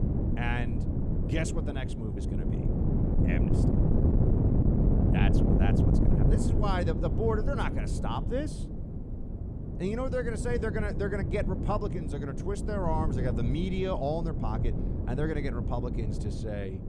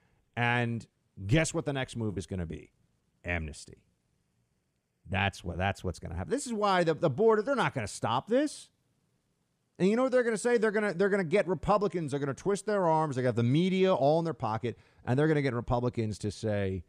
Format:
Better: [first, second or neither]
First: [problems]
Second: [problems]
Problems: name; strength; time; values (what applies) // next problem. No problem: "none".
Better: second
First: wind noise on the microphone; heavy; 4 dB below the speech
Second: none